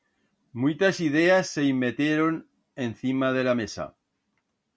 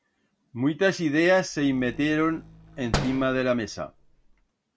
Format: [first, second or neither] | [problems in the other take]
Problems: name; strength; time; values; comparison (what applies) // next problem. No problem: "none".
first | background sound (Slam); 10 dB below the speech